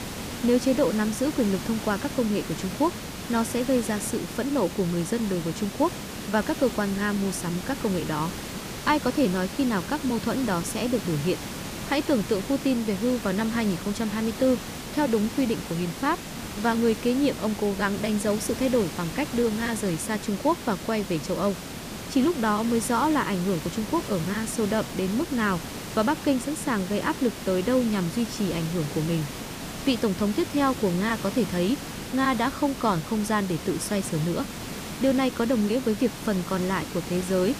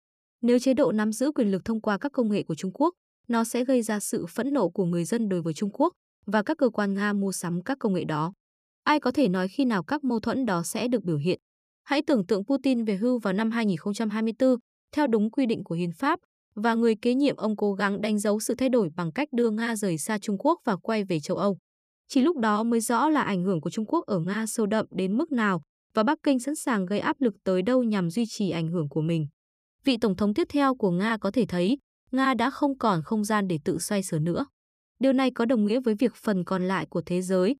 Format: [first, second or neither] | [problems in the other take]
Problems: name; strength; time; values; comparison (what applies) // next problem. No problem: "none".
second | hiss; loud; throughout; 9 dB below the speech